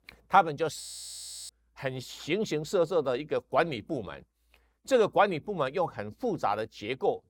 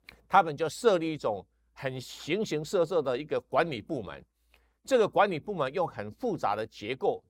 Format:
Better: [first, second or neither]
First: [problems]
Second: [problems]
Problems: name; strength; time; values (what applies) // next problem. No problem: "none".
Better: second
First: audio freezing; at 1 s for 0.5 s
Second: none